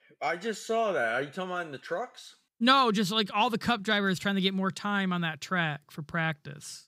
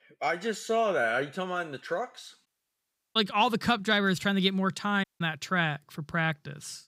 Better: first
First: none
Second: audio cutting out; at 2.5 s for 0.5 s and at 5 s

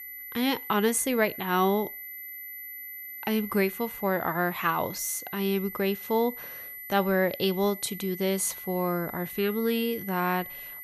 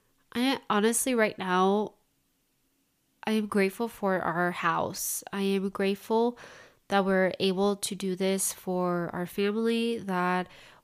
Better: second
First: high-pitched whine; noticeable; throughout; 12 kHz, 10 dB below the speech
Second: none

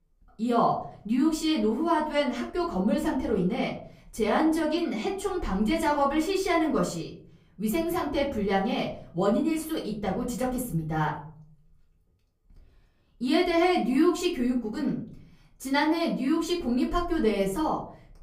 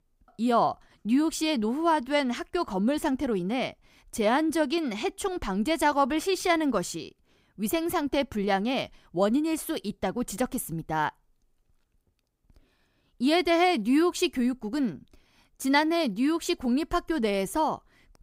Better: second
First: off-mic speech; far // room echo; slight; dies away in 0.7 s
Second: none

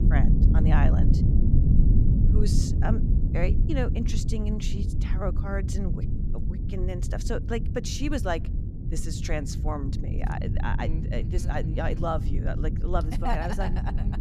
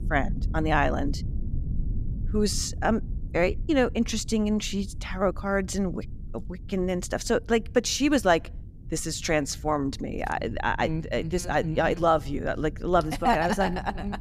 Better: second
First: low rumble; loud; throughout; 5 dB below the speech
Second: low rumble; faint; throughout; 25 dB below the speech

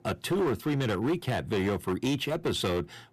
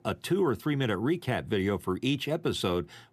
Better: second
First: distortion; slight; 14% of the sound clipped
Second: none

